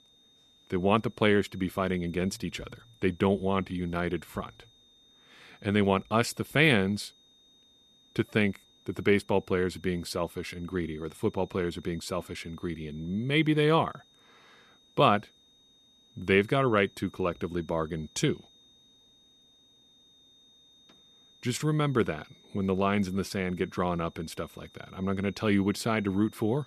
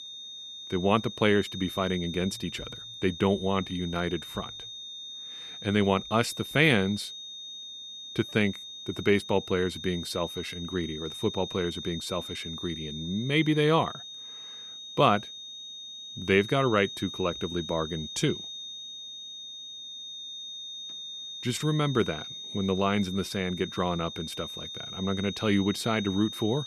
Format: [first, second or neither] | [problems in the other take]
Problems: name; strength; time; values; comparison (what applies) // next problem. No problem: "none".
first | high-pitched whine; loud; throughout; 3.5 kHz, 10 dB below the speech; faint in the first